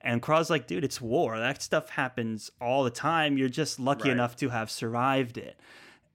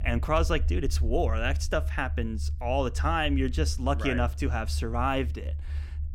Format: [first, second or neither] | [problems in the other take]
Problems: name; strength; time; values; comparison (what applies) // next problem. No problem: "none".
first | low rumble; faint; throughout; 20 dB below the speech